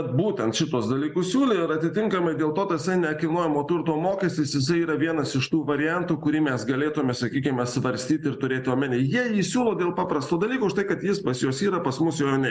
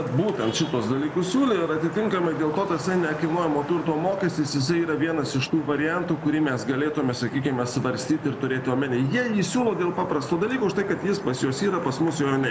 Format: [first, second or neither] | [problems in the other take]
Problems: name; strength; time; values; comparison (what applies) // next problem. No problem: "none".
first | background sound (Traffic noise, roadway noise / Vehicle horn, car horn, honking); 13 dB below the speech